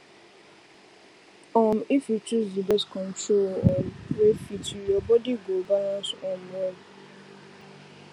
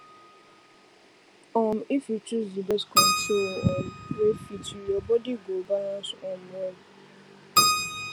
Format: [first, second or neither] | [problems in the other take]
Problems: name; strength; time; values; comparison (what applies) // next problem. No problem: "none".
first | background sound (Keyboard (musical)); 1 dB below the speech